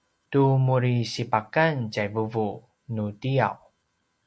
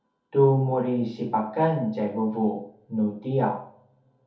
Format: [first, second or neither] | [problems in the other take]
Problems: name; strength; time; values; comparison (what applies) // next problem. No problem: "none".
first | room echo; dies away in 0.5 s